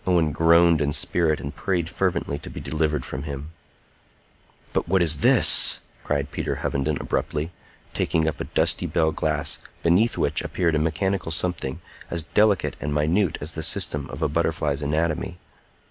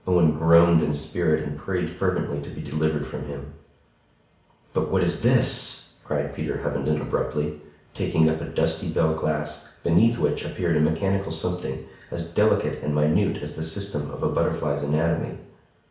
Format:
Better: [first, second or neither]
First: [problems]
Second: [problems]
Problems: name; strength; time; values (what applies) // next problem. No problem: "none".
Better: first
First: none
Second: room echo; dies away in 0.6 s